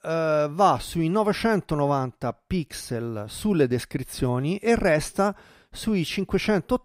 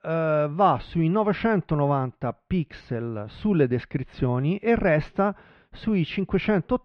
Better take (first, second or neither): first